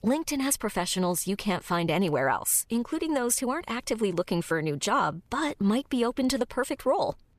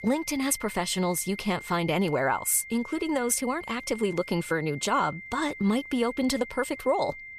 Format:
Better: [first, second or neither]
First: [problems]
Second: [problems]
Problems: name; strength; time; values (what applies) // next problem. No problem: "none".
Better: first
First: none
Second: high-pitched whine; noticeable; throughout; 2 kHz, 15 dB below the speech